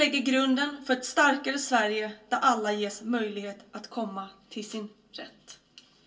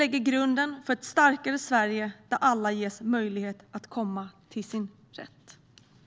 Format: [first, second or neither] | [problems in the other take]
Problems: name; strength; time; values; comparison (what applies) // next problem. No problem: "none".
second | room echo; dies away in 0.2 s